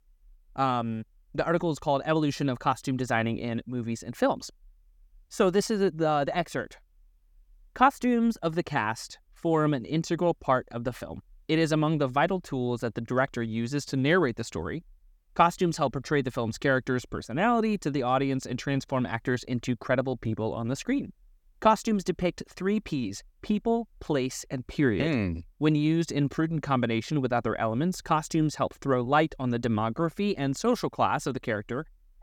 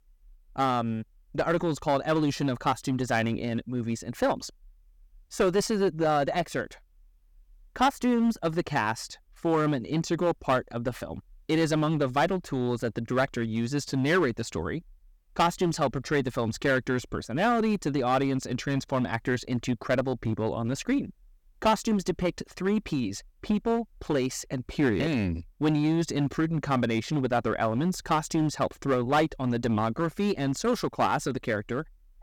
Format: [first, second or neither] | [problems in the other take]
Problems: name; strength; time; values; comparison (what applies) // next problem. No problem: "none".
first | distortion; slight; 6% of the sound clipped